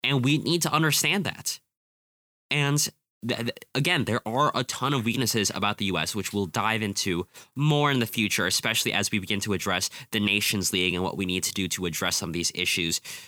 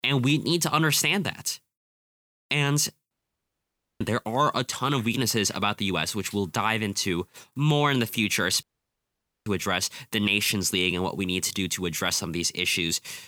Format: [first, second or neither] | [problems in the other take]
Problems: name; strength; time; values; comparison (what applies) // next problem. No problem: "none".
first | audio cutting out; at 3 s for 1 s and at 8.5 s for 1 s